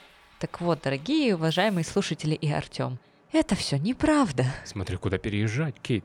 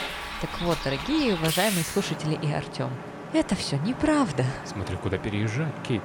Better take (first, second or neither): first